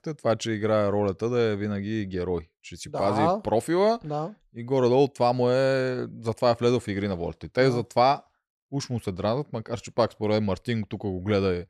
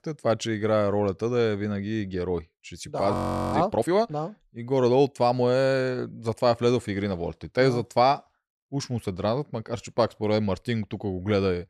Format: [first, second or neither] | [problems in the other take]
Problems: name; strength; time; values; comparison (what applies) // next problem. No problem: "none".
first | audio freezing; at 3 s